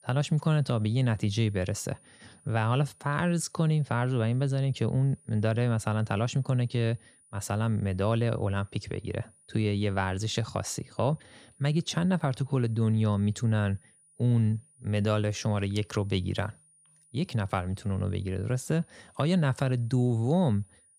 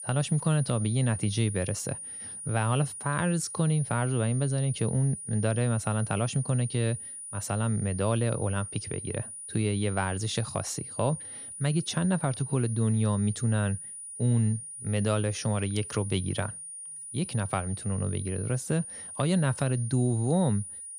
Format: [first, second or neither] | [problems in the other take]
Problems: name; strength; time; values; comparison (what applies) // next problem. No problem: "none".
first | high-pitched whine; loud; throughout; 9.5 kHz, 9 dB below the speech; faint in the first